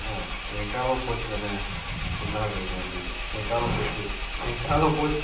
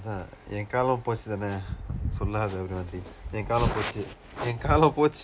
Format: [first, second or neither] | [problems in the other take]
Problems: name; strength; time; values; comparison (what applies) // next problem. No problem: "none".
second | background sound (Engine); 3 dB below the speech // room echo; dies away in 0.6 s